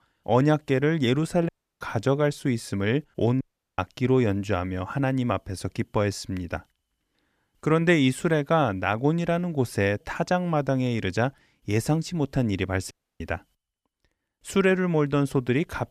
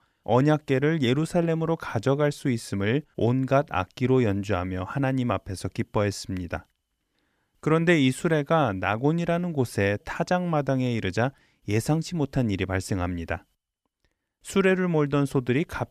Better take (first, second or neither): second